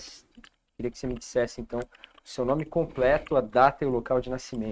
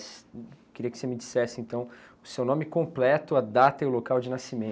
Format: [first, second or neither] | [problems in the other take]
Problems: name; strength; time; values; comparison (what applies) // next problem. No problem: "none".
second | noise reduction (neural mask model RNNoise)